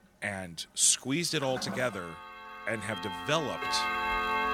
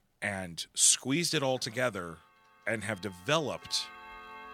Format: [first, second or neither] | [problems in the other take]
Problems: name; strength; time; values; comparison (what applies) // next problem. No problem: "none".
second | household noises; loud; throughout; 4 dB below the speech; faint in the second